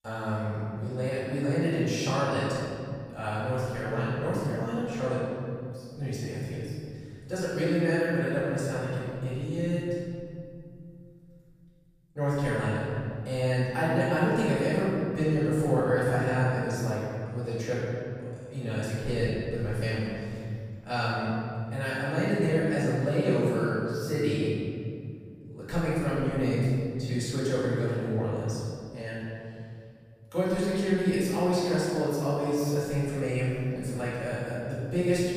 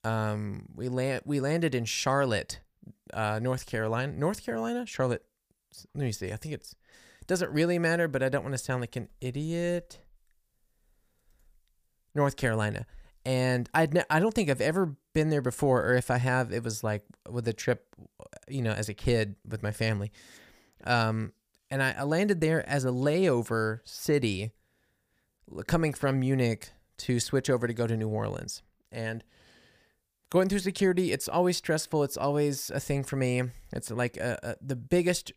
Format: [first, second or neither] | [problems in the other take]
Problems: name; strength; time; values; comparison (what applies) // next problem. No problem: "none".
second | room echo; strong; dies away in 2.4 s // off-mic speech; far